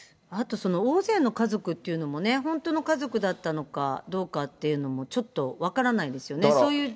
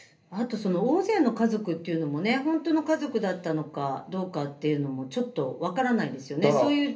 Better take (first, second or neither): first